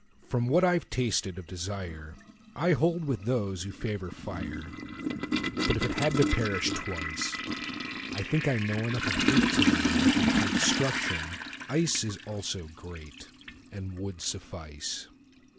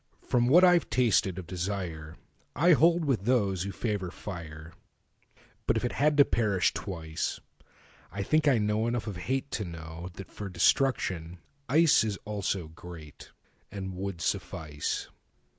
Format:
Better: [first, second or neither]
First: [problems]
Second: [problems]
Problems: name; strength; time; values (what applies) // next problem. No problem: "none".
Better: second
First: background sound (Toilet flush); as loud as the speech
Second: none